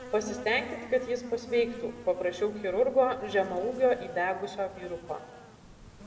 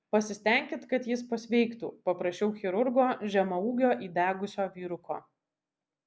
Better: second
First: background sound (Insect); 16 dB below the speech // room echo; dies away in 1.6 s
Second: none

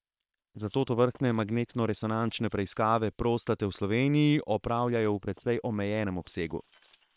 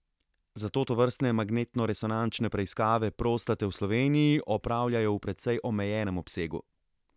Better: second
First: noise reduction (neural separator model SepFormer WHAM!)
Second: none

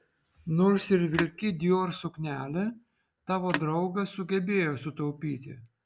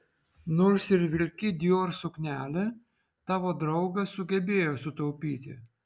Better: second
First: background sound (Telephone); 10 dB below the speech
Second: none

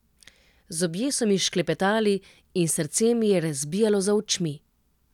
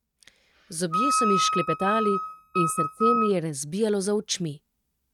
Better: first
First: none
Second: noise reduction (neural mask model RNNoise)

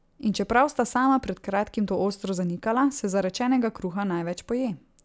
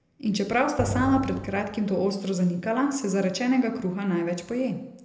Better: first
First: none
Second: background sound (Drum); 7 dB below the speech // room echo; dies away in 0.7 s

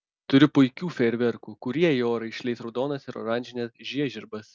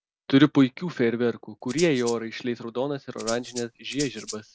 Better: first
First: none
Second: background sound (Rattle (instrument)); 14 dB below the speech

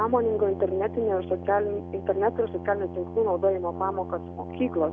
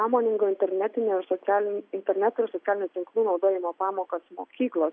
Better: second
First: background sound (Brass instrument); 10 dB below the speech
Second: none

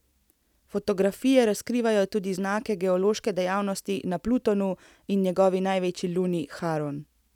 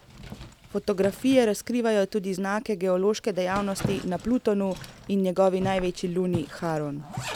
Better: first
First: none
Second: background sound (Zipper (clothing)); 14 dB below the speech

